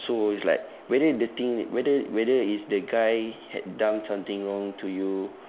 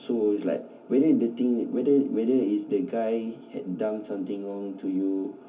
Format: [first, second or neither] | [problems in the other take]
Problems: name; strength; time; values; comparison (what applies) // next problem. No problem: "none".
first | room echo; dies away in 0.3 s